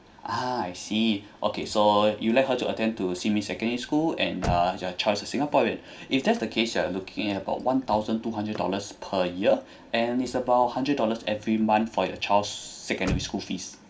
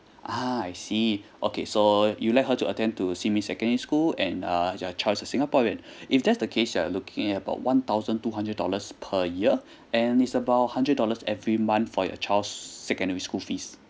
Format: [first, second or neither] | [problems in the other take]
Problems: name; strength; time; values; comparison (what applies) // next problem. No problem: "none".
second | background sound (Slam / Car); 17 dB below the speech // room echo; dies away in 0.5 s